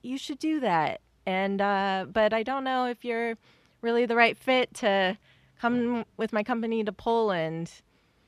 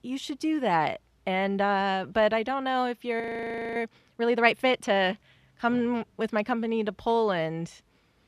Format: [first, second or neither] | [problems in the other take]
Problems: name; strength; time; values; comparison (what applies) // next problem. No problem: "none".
first | audio freezing; at 3 s for 0.5 s